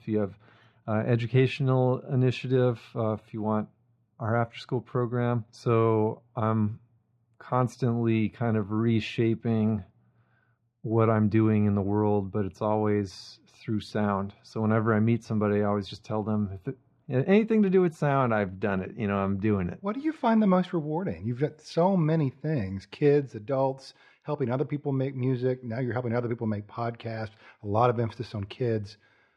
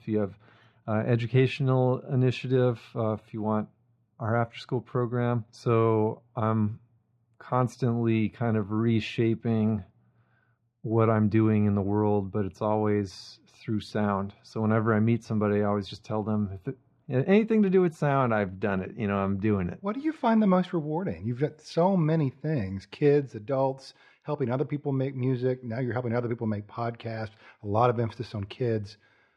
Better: neither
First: muffled; slightly; fading above 2.5 kHz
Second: muffled; slightly; fading above 2.5 kHz

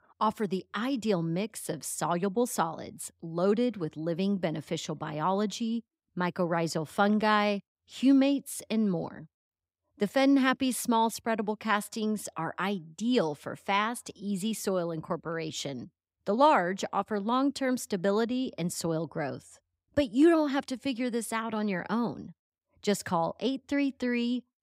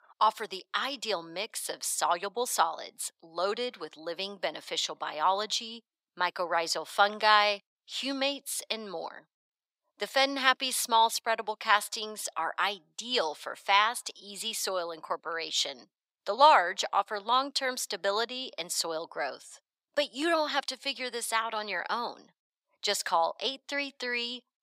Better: first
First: none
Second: thin; very; fading below 800 Hz

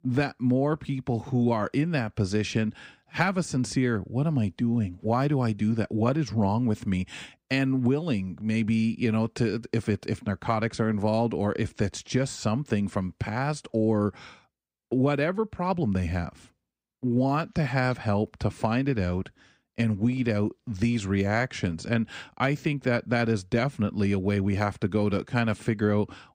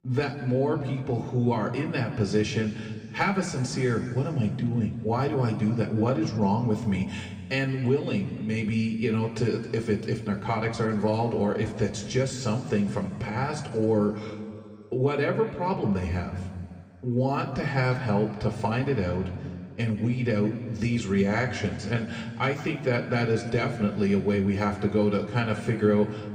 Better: first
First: none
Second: room echo; slight; dies away in 2 s // off-mic speech; somewhat distant

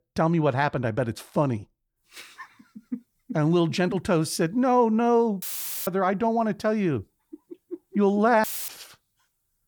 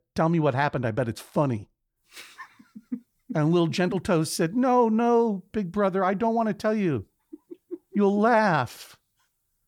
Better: second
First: audio cutting out; filled with static; at 5.5 s and at 8.5 s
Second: none

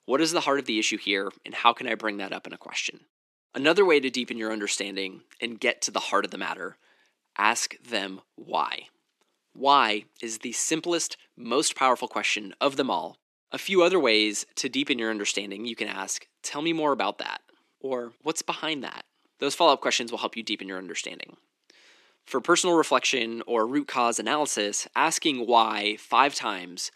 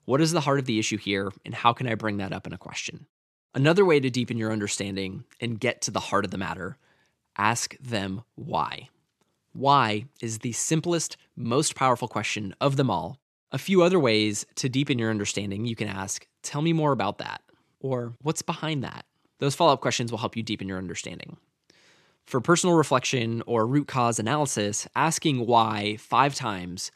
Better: second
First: thin; very slightly; fading below 250 Hz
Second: none

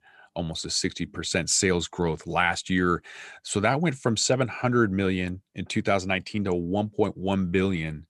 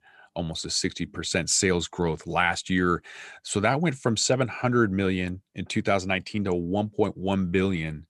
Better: neither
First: none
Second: none

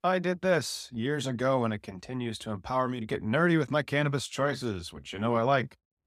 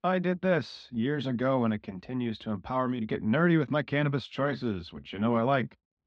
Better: first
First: none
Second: muffled; slightly; fading above 4 kHz

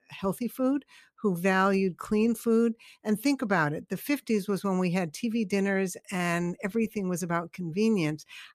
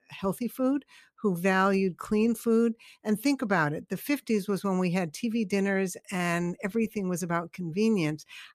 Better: neither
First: none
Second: none

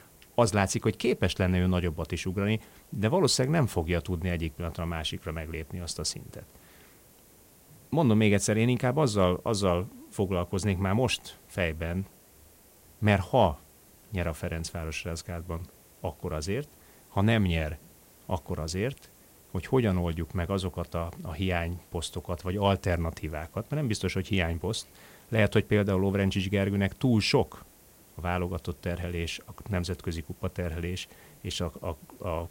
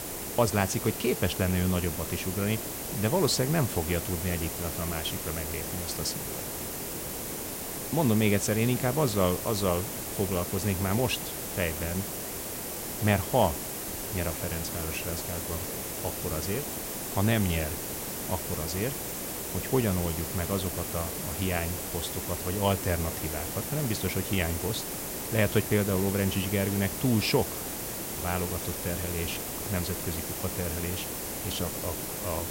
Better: first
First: hiss; faint; throughout; 25 dB below the speech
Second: hiss; loud; throughout; 3 dB below the speech

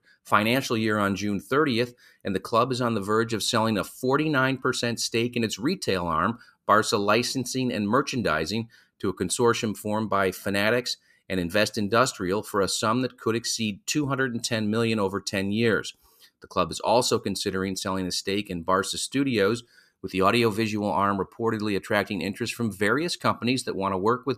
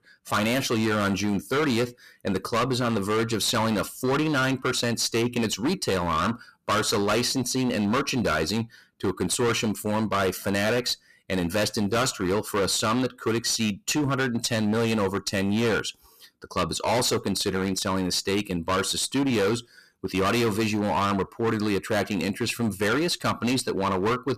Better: first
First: none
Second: distortion; heavy; 19% of the sound clipped

